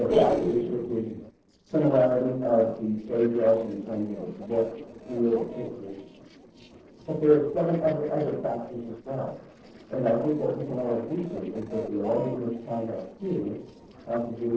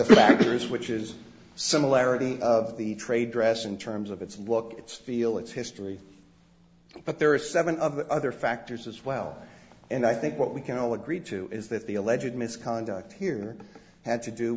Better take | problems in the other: second | noise reduction (neural separator model SepFormer DNS4)

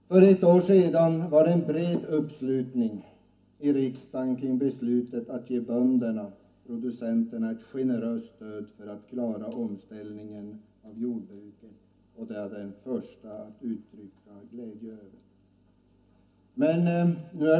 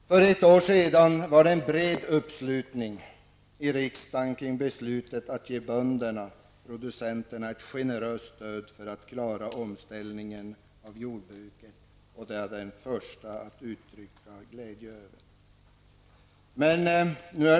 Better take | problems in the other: second | room echo; dies away in 0.4 s

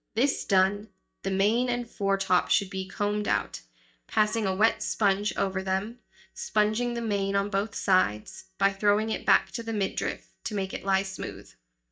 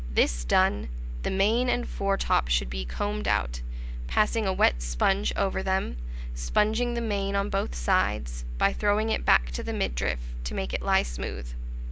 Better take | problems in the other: second | noise reduction (neural mask model DeepFilterNet 3)

